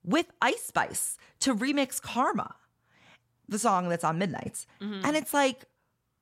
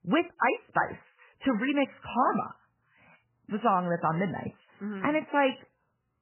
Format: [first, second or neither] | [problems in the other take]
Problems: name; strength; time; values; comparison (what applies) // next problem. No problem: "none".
first | garbled, watery; badly; nothing above 3 kHz